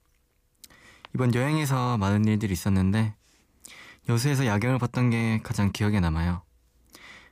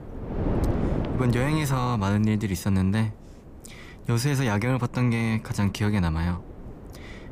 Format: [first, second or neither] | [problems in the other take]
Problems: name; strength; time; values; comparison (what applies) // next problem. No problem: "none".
first | wind noise on the microphone; heavy; 8 dB below the speech